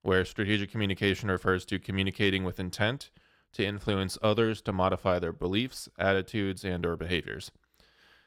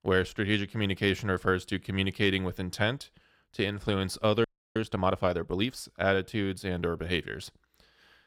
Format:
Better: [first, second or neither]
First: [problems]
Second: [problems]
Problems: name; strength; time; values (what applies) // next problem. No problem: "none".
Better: first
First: none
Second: audio freezing; at 4.5 s